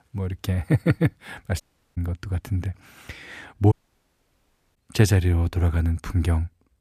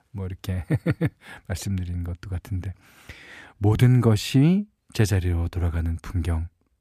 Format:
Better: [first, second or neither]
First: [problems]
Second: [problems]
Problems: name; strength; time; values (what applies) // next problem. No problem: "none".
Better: second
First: audio cutting out; at 1.5 s and at 3.5 s for 1 s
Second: none